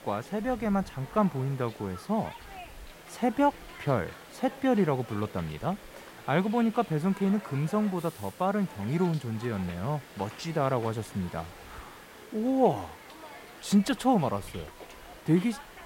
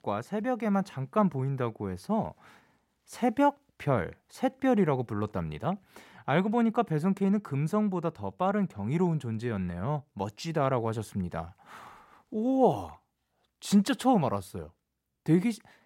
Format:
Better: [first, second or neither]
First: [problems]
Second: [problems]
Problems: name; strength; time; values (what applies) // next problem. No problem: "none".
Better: second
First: hiss; noticeable; throughout; 15 dB below the speech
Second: none